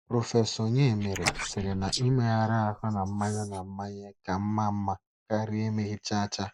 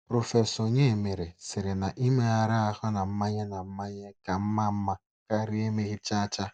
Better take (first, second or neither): second